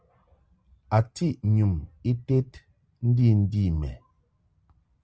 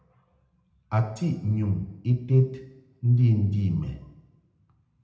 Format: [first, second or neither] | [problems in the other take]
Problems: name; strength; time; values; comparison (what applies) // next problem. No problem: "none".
first | room echo; dies away in 0.8 s